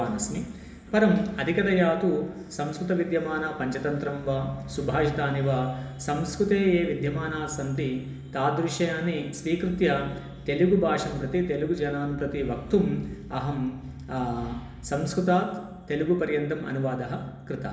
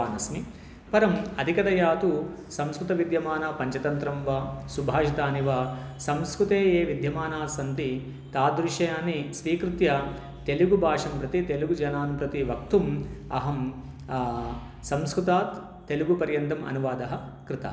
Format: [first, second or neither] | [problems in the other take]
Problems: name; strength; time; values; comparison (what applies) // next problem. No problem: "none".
second | room echo; dies away in 0.9 s